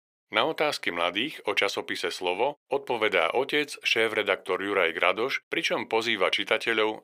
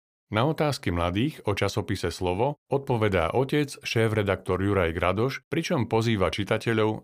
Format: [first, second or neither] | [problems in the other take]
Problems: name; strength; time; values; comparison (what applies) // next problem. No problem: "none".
second | thin; somewhat; fading below 450 Hz